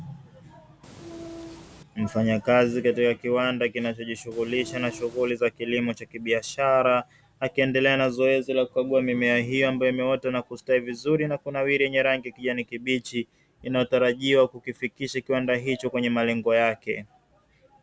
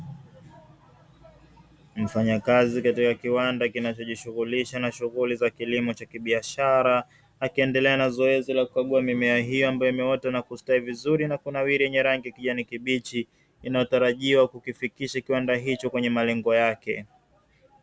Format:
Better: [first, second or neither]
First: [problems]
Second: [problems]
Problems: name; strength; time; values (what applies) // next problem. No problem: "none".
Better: second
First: background sound (Train); 16 dB below the speech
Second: none